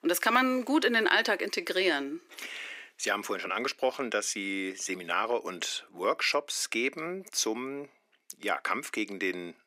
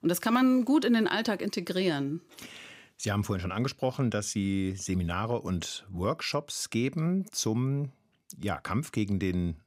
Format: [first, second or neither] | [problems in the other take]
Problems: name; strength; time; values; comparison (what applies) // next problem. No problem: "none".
second | thin; somewhat; fading below 350 Hz